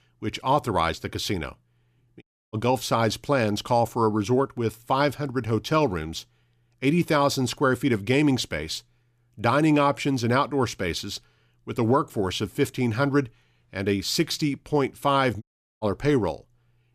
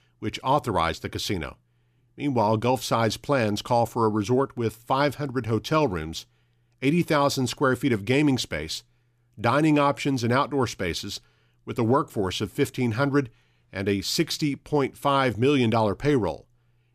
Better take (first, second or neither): second